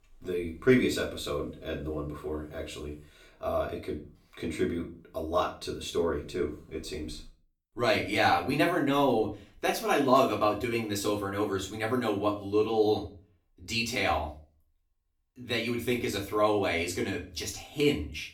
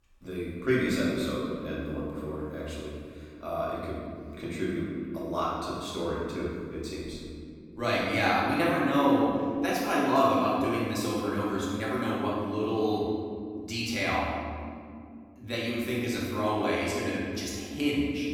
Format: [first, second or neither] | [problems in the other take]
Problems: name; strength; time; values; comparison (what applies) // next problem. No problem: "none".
first | room echo; strong; dies away in 2.3 s; slight in the first // off-mic speech; far; far in the first